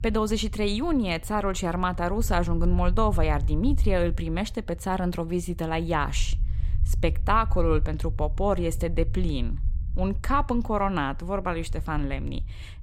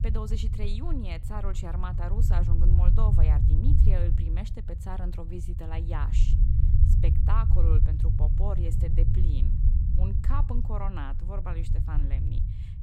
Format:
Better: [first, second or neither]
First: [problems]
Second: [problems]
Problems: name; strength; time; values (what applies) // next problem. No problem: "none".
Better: first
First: low rumble; faint; throughout; 25 dB below the speech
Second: low rumble; loud; throughout; 2 dB below the speech